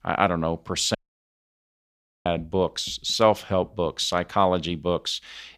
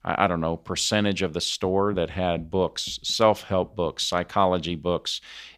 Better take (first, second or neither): second